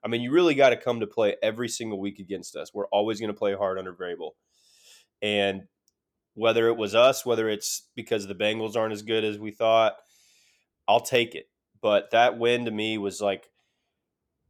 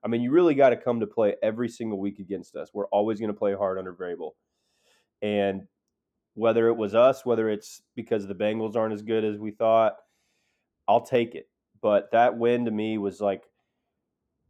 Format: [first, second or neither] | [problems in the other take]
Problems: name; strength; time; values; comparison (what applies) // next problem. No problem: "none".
first | muffled; slightly; fading above 2 kHz